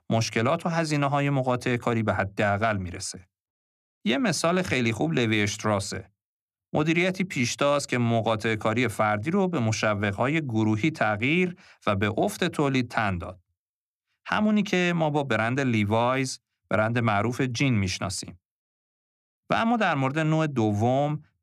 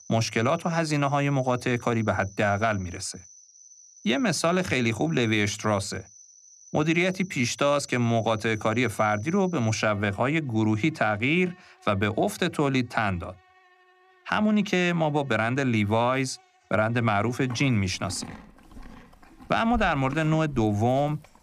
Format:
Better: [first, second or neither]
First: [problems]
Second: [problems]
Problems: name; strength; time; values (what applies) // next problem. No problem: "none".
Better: first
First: none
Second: animal sounds; faint; throughout; 25 dB below the speech